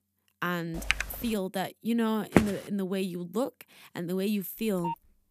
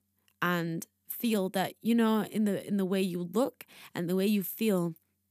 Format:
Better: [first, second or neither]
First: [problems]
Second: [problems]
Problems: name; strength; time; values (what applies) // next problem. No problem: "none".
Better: second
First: keyboard typing; loud; at 1 s; peak 2 dB above the speech // footsteps; loud; at 2.5 s; peak 5 dB above the speech // phone ringing; noticeable; at 4.5 s; peak 6 dB below the speech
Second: none